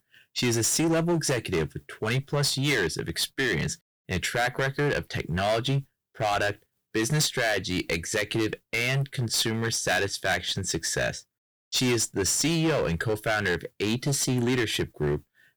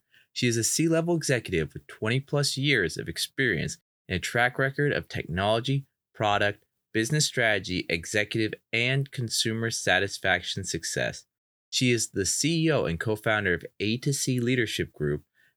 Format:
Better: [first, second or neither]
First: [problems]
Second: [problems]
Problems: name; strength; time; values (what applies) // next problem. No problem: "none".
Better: second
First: distortion; heavy; 11% of the sound clipped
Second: none